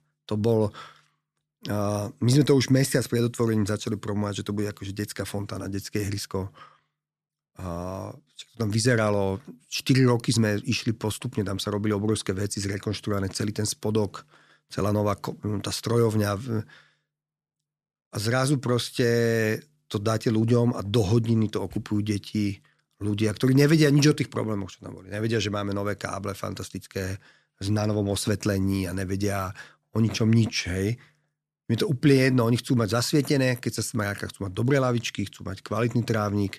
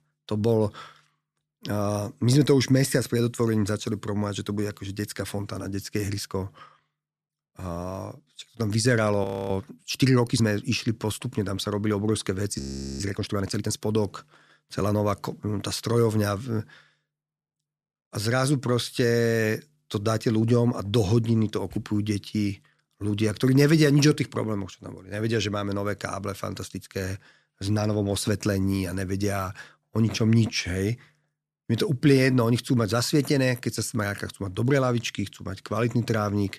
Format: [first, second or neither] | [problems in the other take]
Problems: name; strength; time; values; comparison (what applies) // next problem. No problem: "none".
first | audio freezing; at 9 s and at 13 s